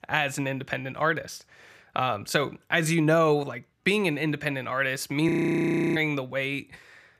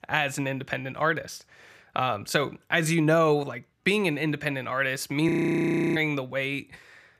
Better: neither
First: audio freezing; at 5.5 s for 0.5 s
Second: audio freezing; at 5.5 s for 0.5 s

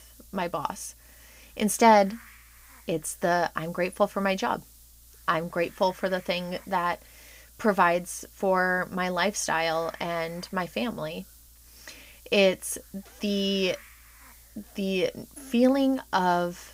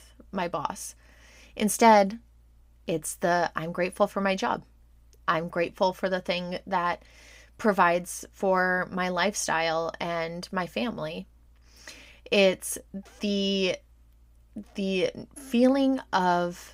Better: second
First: hiss; faint; throughout; 25 dB below the speech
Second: none

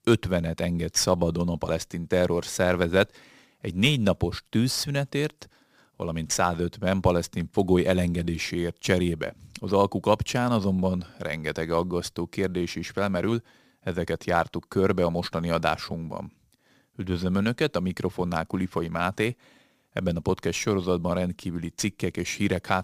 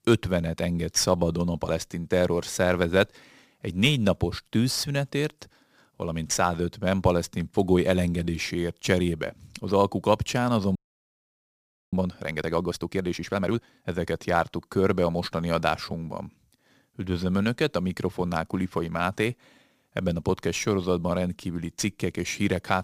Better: first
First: none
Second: audio freezing; at 11 s for 1 s

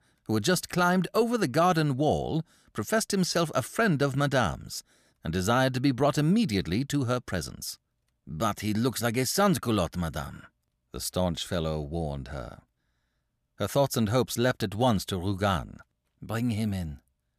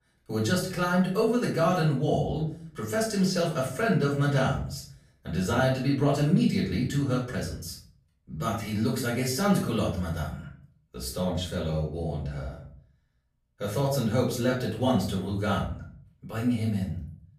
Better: first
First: none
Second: off-mic speech; far // room echo; slight; dies away in 0.5 s

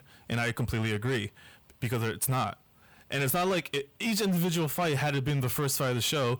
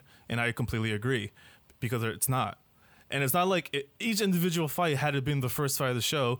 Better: second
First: distortion; slight; 14% of the sound clipped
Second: none

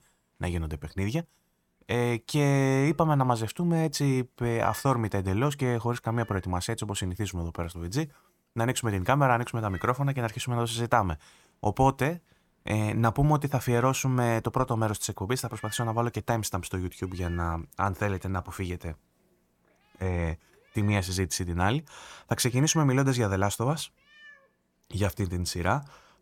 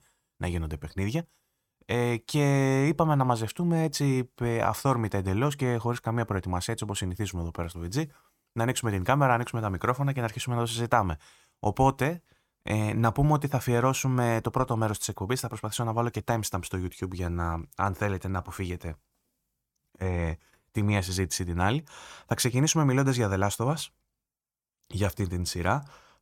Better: second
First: animal sounds; faint; throughout; 20 dB below the speech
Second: none

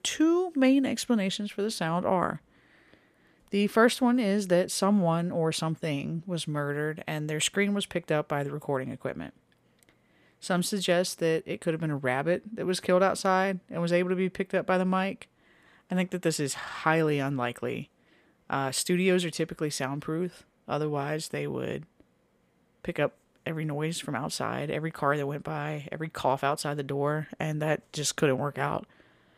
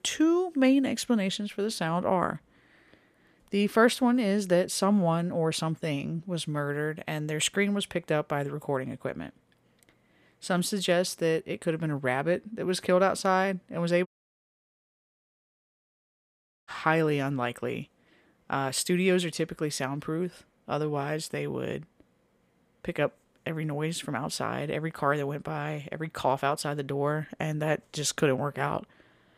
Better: first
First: none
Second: audio cutting out; at 14 s for 2.5 s

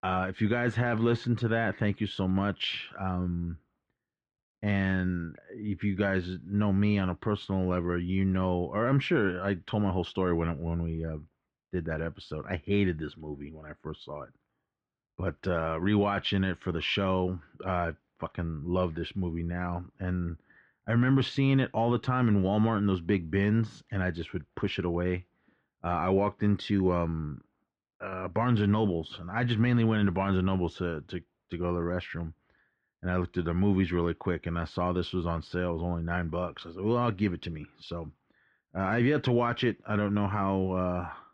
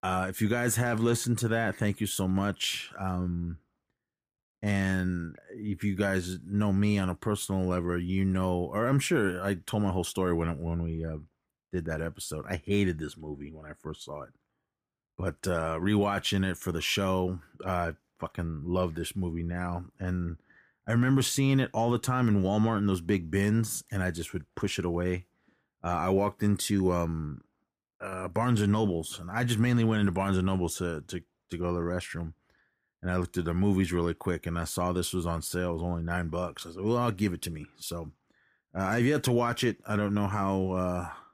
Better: second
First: muffled; slightly; fading above 3.5 kHz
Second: none

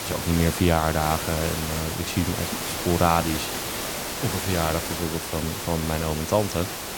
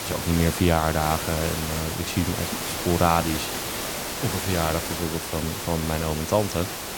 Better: neither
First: hiss; loud; throughout; 3 dB below the speech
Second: hiss; loud; throughout; 3 dB below the speech

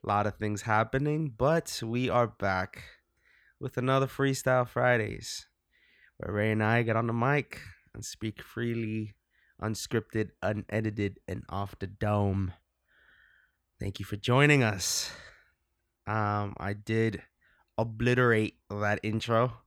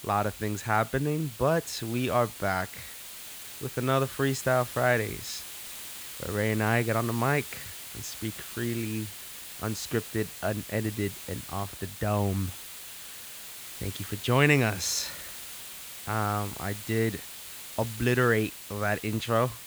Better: first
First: none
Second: hiss; noticeable; throughout; 10 dB below the speech

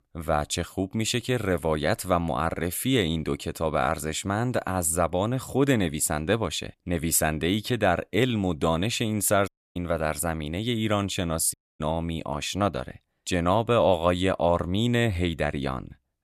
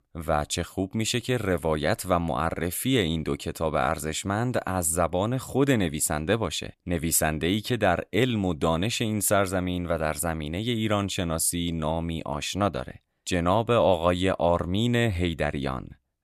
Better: second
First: audio cutting out; at 9.5 s and at 12 s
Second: none

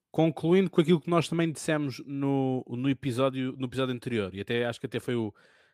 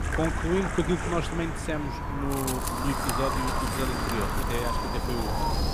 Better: first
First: none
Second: wind noise on the microphone; heavy; 4 dB above the speech

